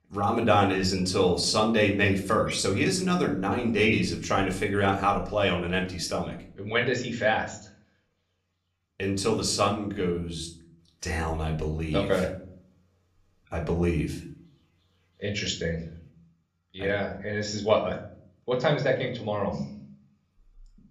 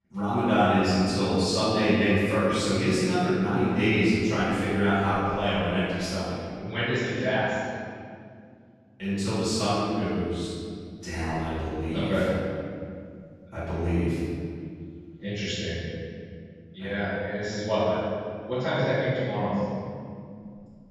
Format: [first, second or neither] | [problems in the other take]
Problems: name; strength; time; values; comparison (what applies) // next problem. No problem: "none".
first | room echo; strong; dies away in 2.2 s; slight in the first // off-mic speech; far; somewhat distant in the first